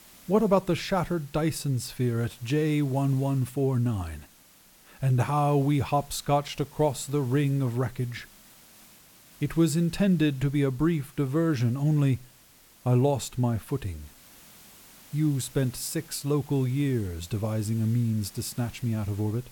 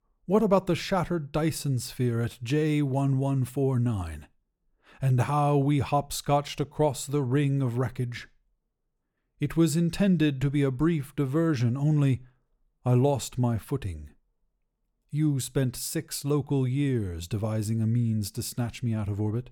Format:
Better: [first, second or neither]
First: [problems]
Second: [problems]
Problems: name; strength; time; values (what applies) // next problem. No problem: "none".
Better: second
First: hiss; faint; throughout; 25 dB below the speech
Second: none